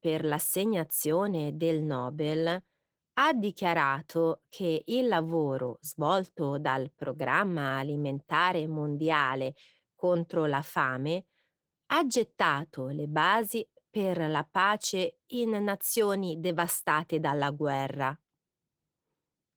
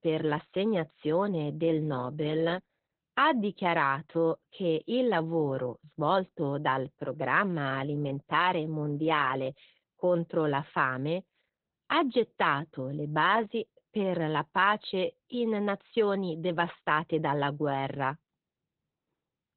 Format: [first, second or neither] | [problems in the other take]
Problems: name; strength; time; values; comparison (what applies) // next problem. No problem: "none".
first | garbled, watery; badly; nothing above 4 kHz; slightly in the first